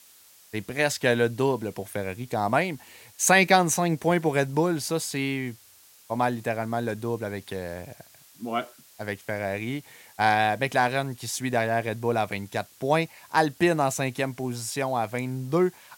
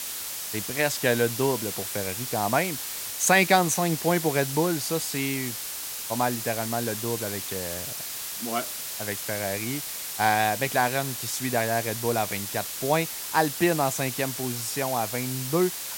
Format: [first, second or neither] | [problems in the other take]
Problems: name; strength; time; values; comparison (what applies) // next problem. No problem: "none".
first | hiss; loud; throughout; 4 dB below the speech; faint in the first